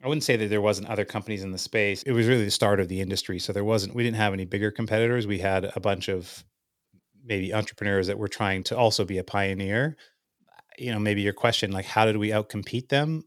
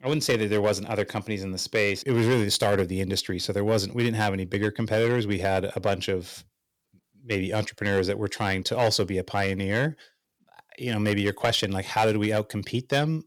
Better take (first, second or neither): first